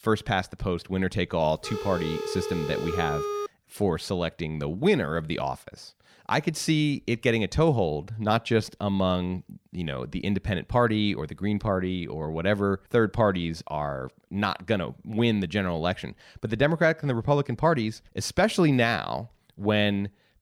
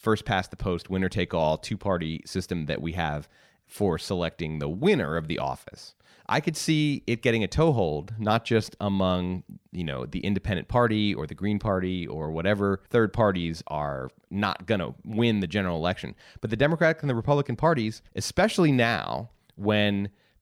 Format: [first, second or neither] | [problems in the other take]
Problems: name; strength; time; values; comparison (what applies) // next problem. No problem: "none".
second | phone ringing; noticeable; from 1.5 to 3.5 s; peak 3 dB below the speech